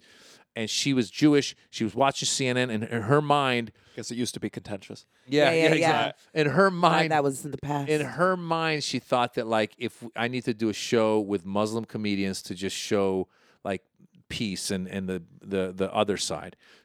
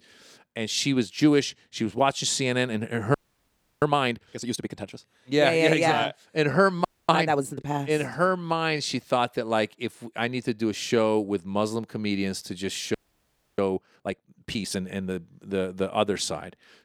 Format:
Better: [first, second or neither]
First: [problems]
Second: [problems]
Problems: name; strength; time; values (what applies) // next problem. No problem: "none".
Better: first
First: none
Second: audio freezing; at 3 s for 0.5 s, at 7 s and at 13 s for 0.5 s